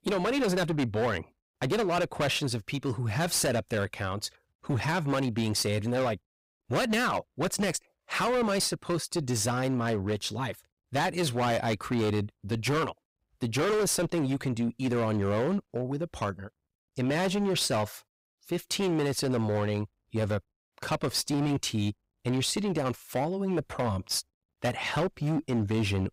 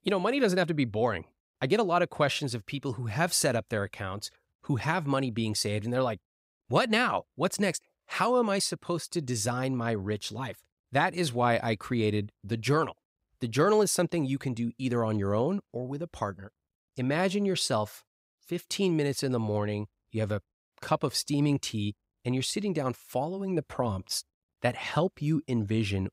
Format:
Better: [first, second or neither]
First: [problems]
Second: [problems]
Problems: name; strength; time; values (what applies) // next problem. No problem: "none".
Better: second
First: distortion; heavy; 17% of the sound clipped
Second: none